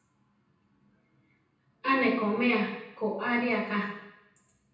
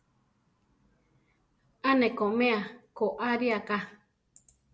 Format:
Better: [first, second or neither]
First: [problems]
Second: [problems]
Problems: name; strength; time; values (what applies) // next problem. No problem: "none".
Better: second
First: room echo; dies away in 0.9 s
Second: none